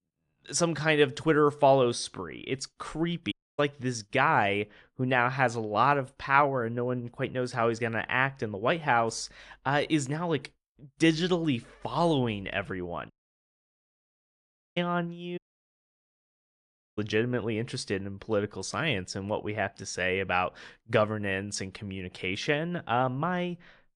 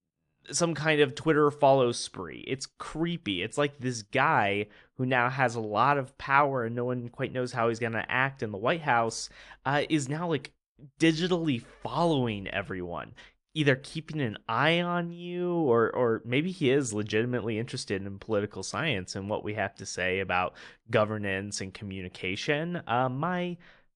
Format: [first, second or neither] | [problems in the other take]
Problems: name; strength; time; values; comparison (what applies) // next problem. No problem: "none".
second | audio cutting out; at 3.5 s, at 13 s for 1.5 s and at 15 s for 1.5 s